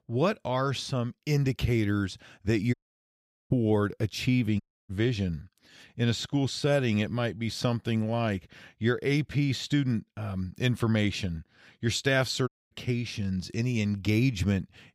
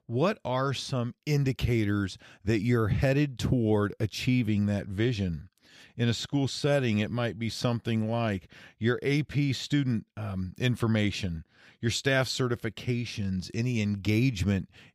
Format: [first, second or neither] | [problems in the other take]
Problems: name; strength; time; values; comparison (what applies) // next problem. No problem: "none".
second | audio cutting out; at 2.5 s for 1 s, at 4.5 s and at 12 s